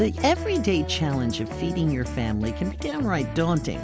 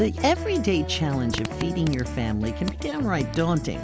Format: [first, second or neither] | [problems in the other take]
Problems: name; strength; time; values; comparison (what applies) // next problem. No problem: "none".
first | background sound (Fart); 15 dB below the speech